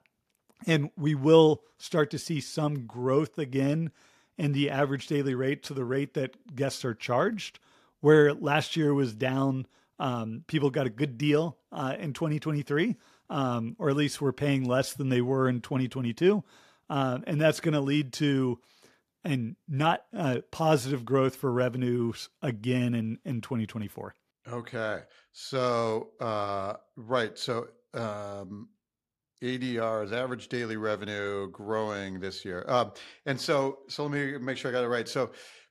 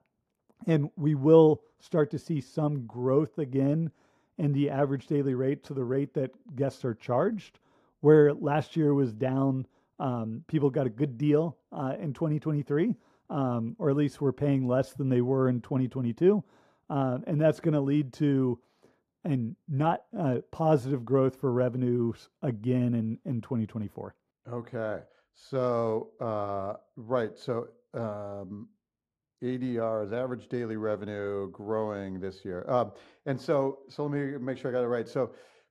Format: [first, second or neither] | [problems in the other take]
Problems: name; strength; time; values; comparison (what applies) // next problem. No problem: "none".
first | muffled; slightly; fading above 1.5 kHz